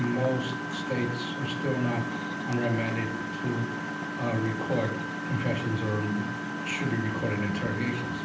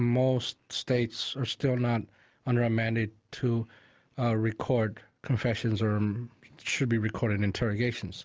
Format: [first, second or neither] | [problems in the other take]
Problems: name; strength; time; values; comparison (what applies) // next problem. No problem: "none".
second | background sound (Engine); 3 dB below the speech // room echo; dies away in 0.6 s